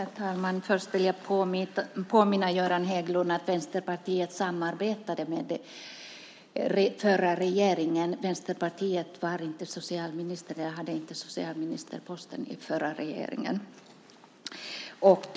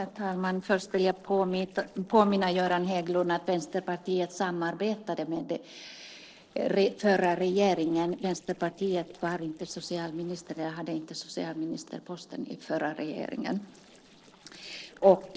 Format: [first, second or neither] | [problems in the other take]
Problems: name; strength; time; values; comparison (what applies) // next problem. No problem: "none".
first | noise reduction (neural separator model SepFormer DNS4)